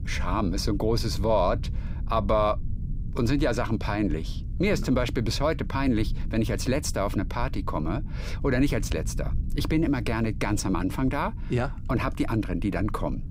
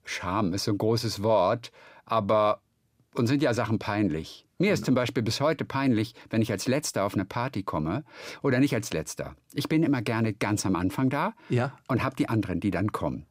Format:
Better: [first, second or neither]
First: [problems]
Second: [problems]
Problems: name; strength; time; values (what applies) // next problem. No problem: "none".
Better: second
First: low rumble; noticeable; throughout; 20 dB below the speech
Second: none